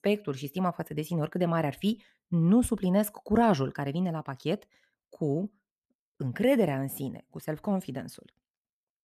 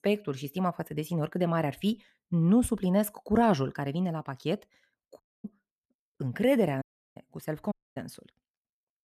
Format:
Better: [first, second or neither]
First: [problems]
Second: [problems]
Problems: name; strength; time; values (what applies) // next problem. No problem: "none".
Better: first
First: none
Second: audio cutting out; at 5 s, at 7 s and at 7.5 s